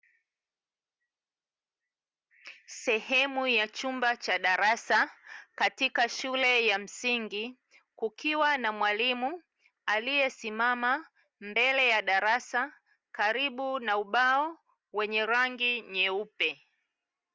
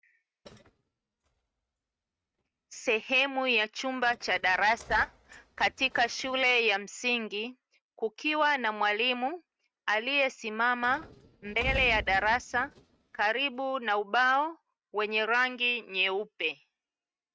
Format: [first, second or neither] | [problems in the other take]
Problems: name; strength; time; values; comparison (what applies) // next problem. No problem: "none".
first | noise reduction (neural mask model RNNoise)